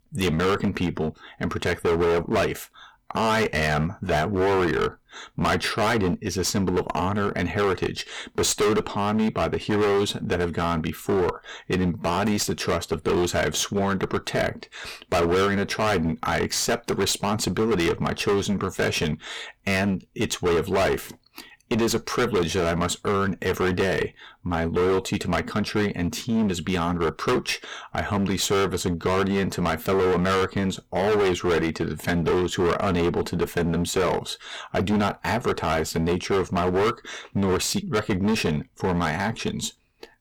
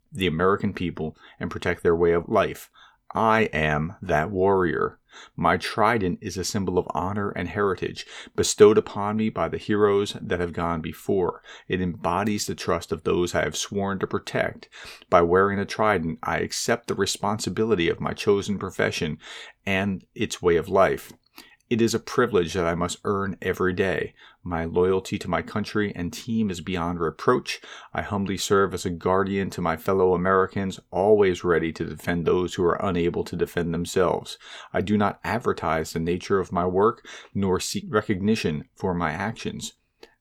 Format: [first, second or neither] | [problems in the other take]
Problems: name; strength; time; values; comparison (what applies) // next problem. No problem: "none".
second | distortion; heavy; 21% of the sound clipped